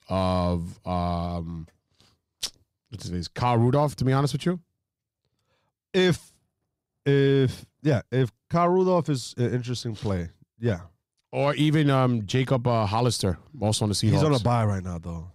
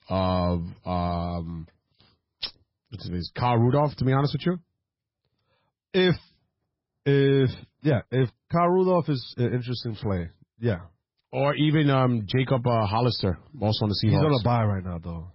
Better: first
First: none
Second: garbled, watery; badly; nothing above 5.5 kHz

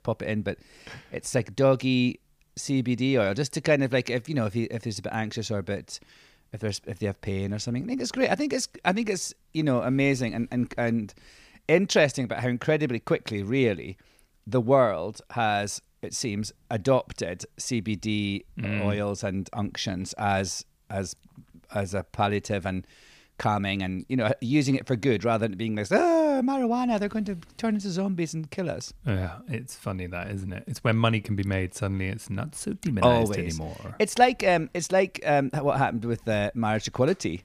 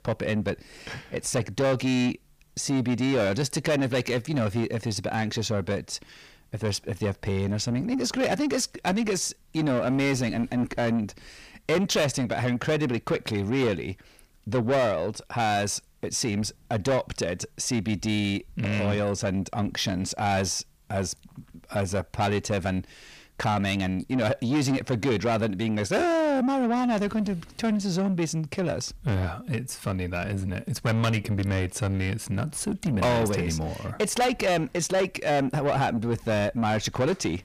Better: first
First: none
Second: distortion; heavy; 8 dB below the speech

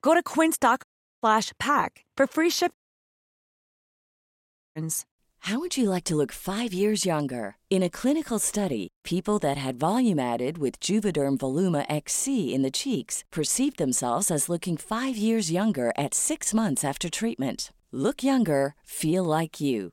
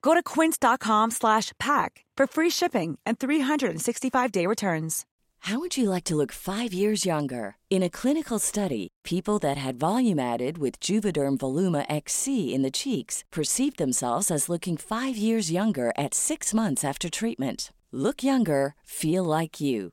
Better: second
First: audio cutting out; at 1 s and at 2.5 s for 2 s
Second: none

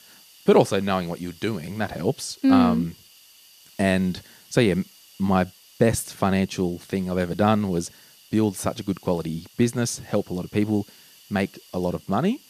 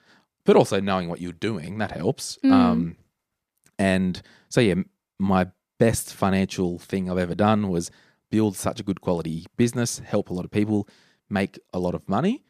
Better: second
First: hiss; faint; throughout; 25 dB below the speech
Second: none

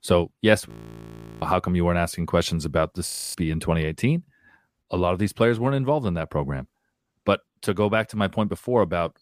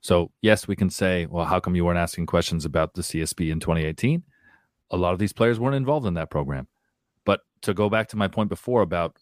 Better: second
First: audio freezing; at 0.5 s for 0.5 s and at 3 s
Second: none

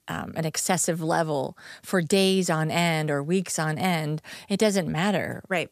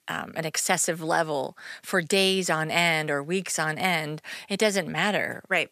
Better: first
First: none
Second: thin; very slightly; fading below 600 Hz

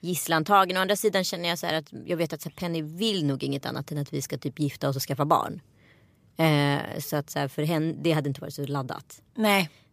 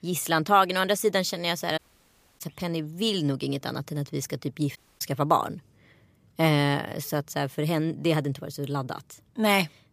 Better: first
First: none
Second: audio cutting out; at 2 s for 0.5 s and at 5 s

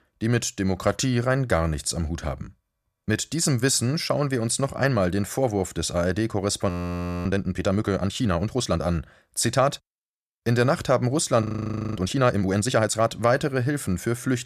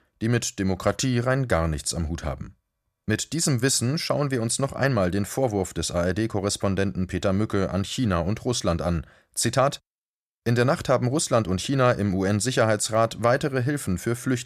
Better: second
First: audio freezing; at 6.5 s for 0.5 s and at 11 s for 0.5 s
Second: none

